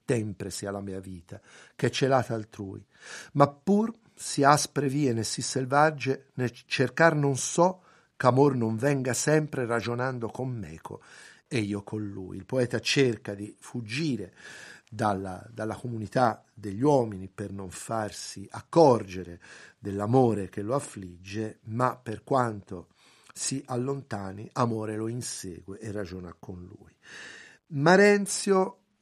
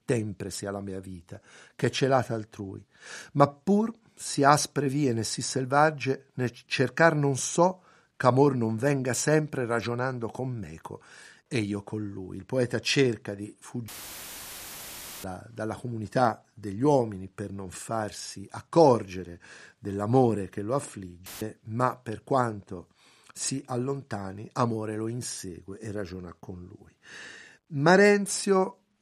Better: first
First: none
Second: audio cutting out; filled with static; at 14 s for 1.5 s and at 21 s

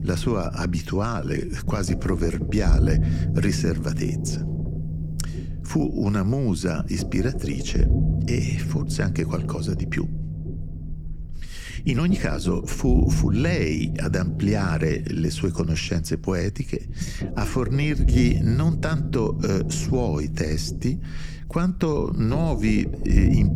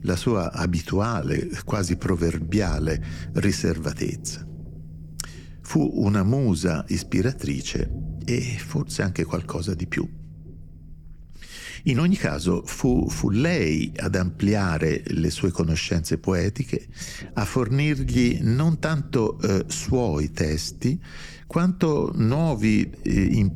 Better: second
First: low rumble; loud; throughout; 8 dB below the speech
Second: low rumble; faint; throughout; 20 dB below the speech

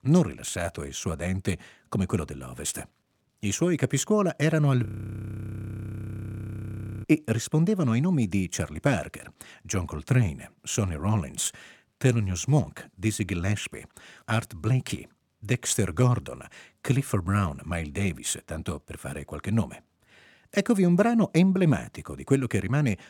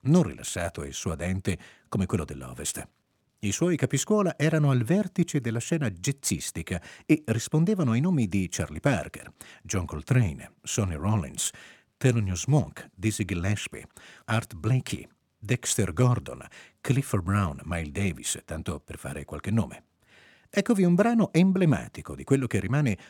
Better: second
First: audio freezing; at 5 s for 2 s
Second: none

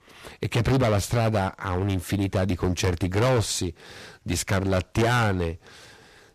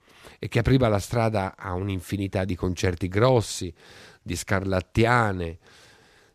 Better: second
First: distortion; heavy; 12% of the sound clipped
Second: none

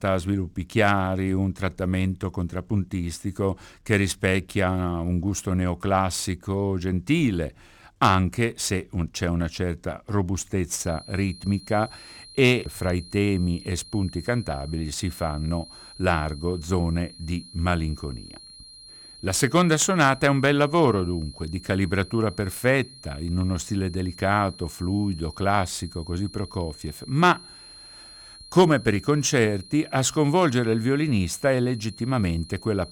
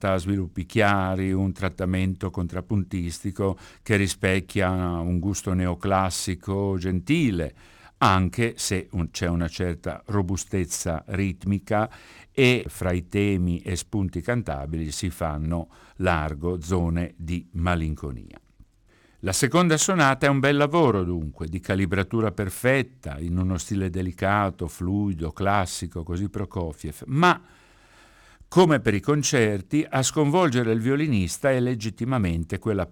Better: second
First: high-pitched whine; noticeable; from 11 s on; 4 kHz, 20 dB below the speech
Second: none

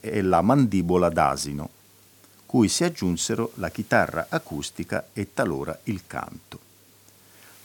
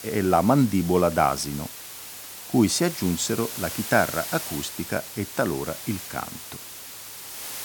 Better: first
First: hiss; faint; throughout; 25 dB below the speech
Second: hiss; loud; throughout; 10 dB below the speech

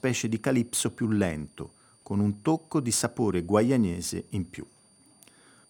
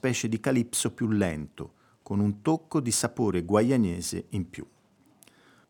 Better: second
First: high-pitched whine; faint; throughout; 9 kHz, 30 dB below the speech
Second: none

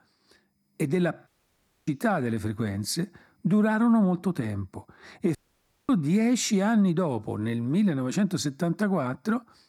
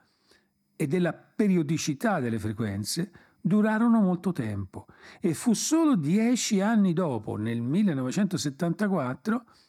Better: second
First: audio cutting out; at 1.5 s for 0.5 s and at 5.5 s for 0.5 s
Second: none

